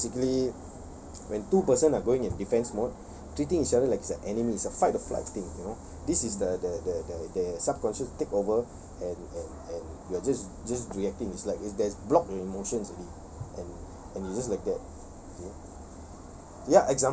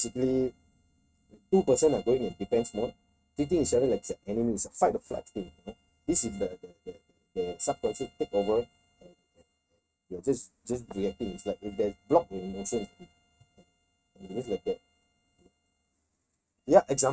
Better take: first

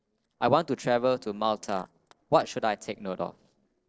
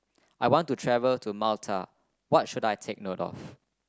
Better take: second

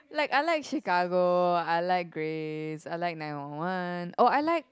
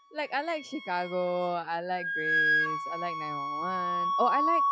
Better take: first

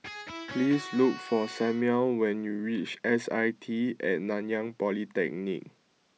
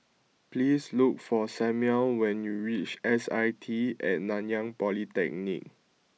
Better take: second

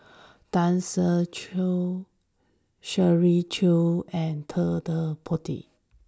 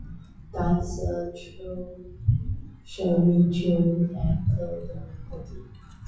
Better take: first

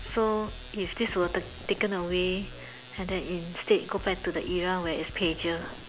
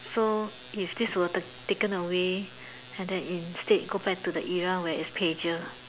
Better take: second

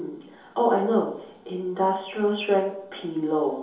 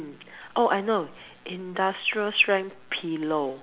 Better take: second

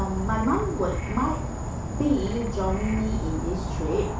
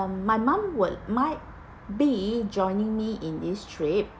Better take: second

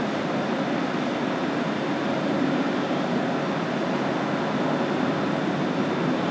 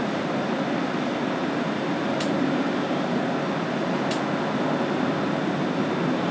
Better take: first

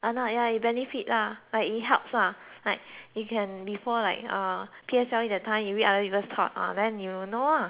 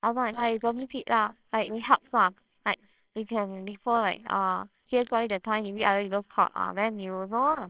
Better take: first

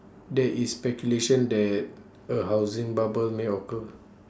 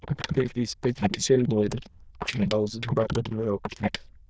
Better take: first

